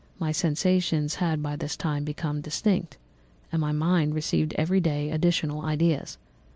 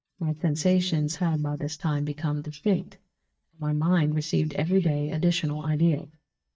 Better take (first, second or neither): first